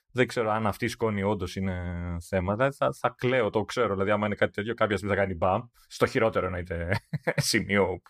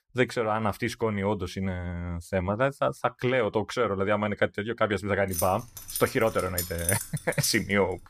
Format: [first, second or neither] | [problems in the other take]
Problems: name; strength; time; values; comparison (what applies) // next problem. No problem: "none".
first | jangling keys; noticeable; from 5.5 to 7.5 s; peak 1 dB below the speech